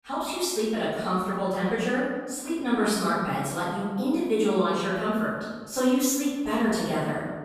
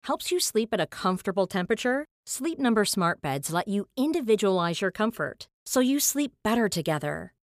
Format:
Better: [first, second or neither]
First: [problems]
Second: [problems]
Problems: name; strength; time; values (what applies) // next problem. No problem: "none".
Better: second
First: room echo; strong; dies away in 1.2 s // off-mic speech; far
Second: none